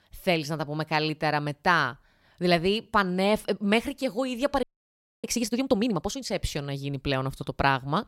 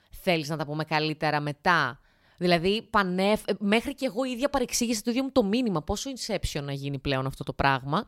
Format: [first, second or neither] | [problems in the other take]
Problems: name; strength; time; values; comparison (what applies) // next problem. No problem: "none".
second | audio freezing; at 4.5 s for 0.5 s